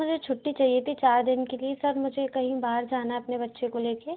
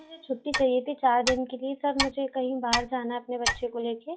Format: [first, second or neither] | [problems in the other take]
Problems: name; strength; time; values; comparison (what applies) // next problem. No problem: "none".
first | noise reduction (classical method log-MMSE)